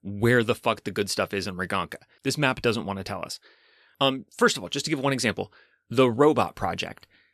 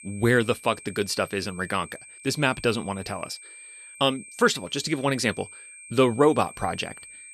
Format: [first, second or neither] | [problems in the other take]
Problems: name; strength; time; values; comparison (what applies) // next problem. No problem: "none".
first | high-pitched whine; noticeable; throughout; 8.5 kHz, 15 dB below the speech